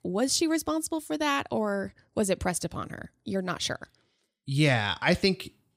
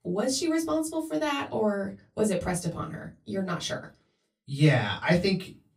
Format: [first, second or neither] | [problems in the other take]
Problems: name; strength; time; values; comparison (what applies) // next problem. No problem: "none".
first | off-mic speech; far // room echo; very slight; dies away in 0.2 s